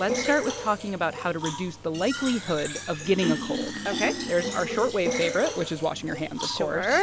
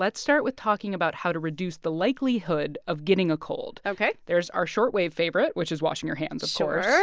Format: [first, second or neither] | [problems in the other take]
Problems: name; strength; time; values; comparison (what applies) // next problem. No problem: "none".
second | background sound (Fill (with liquid)); 6 dB below the speech